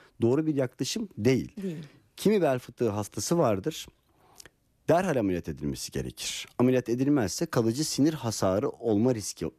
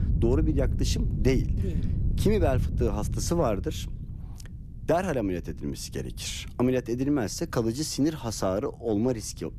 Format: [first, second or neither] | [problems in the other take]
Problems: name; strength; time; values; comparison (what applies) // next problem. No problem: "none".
first | wind noise on the microphone; occasional gusts; 15 dB below the speech